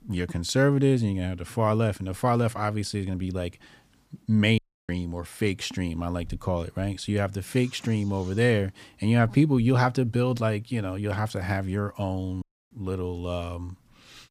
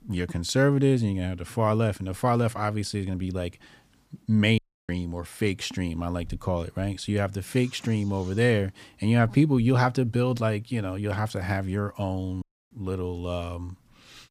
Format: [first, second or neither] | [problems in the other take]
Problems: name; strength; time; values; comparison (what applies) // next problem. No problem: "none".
neither | audio cutting out; at 4.5 s and at 12 s; the same in both